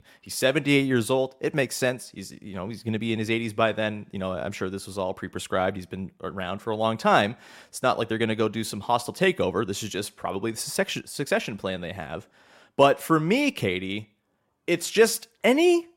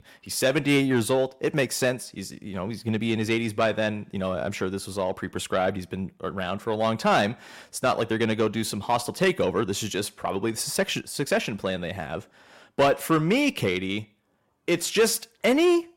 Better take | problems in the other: first | distortion; slight; 10 dB below the speech

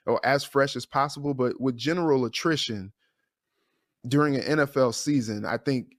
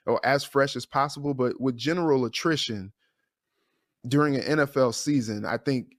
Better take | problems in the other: neither | none

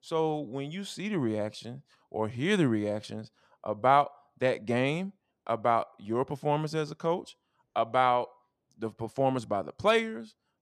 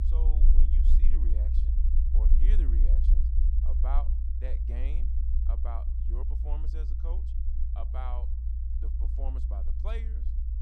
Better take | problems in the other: first | low rumble; loud; throughout; 3 dB below the speech

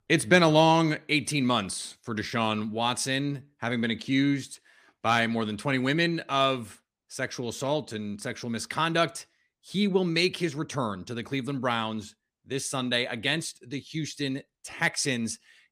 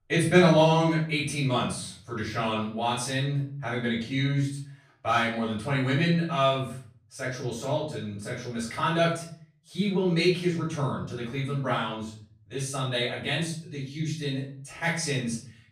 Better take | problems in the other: first | off-mic speech; far // room echo; noticeable; dies away in 0.6 s

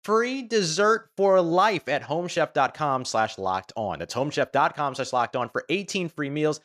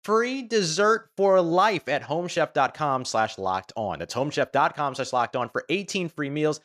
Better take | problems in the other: neither | none

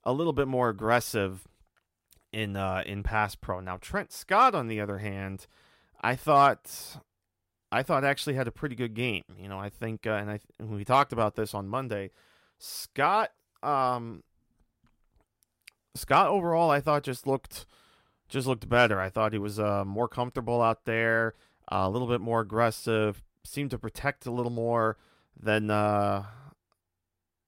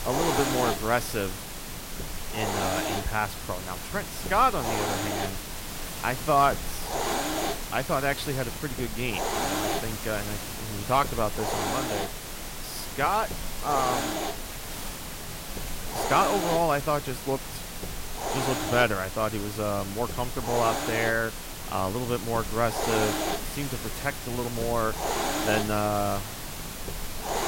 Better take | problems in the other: first | hiss; loud; throughout; 3 dB below the speech

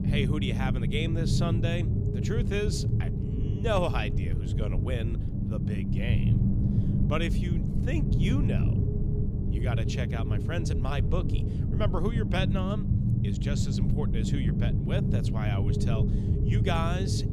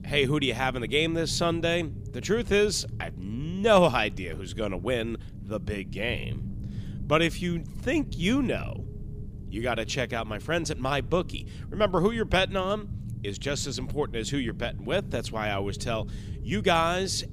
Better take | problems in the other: second | low rumble; loud; throughout; 3 dB below the speech; faint in the second

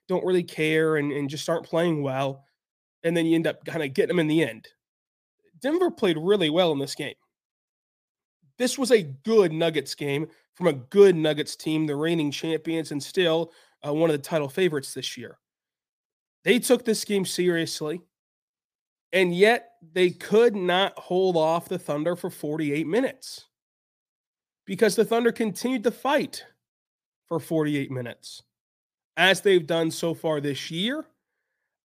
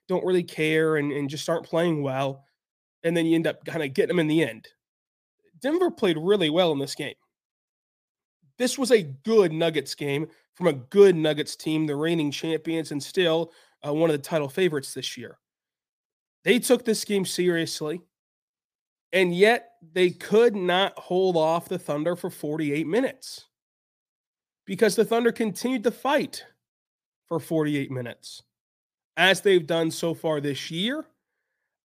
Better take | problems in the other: neither | none

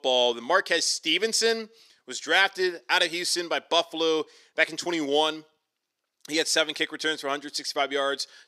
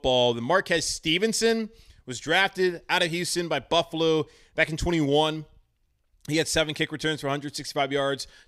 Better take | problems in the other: second | thin; somewhat; fading below 300 Hz

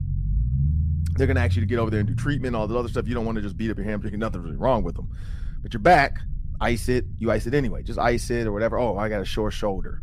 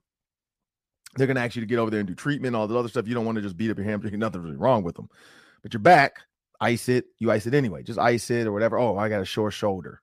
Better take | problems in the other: second | low rumble; noticeable; throughout; 20 dB below the speech

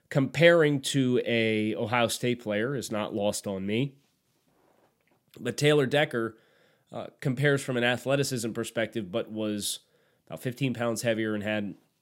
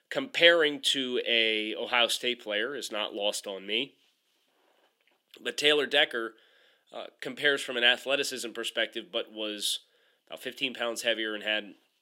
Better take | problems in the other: first | thin; somewhat; fading below 350 Hz

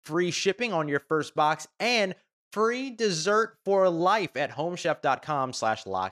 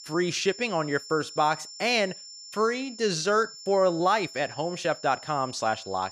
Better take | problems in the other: first | high-pitched whine; noticeable; throughout; 5.5 kHz, 15 dB below the speech

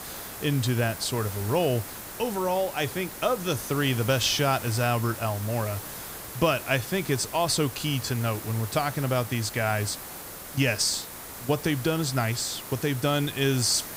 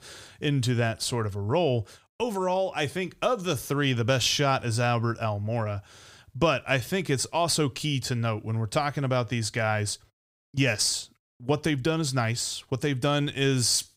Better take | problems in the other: second | hiss; noticeable; throughout; 10 dB below the speech

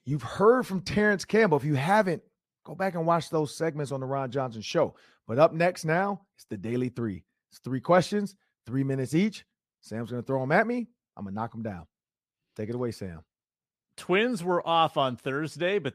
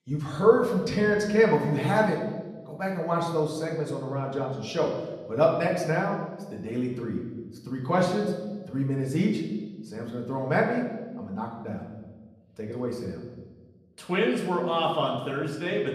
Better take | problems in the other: first | room echo; noticeable; dies away in 1.2 s // off-mic speech; far

